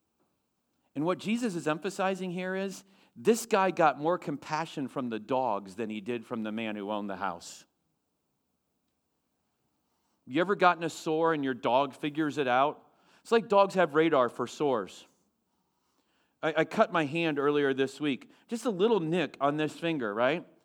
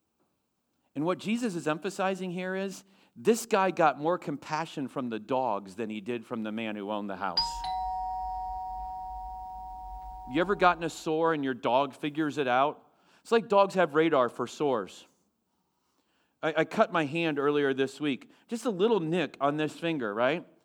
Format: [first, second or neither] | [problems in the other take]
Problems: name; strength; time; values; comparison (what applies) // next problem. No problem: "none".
first | doorbell; noticeable; from 7.5 to 10 s; peak level with the speech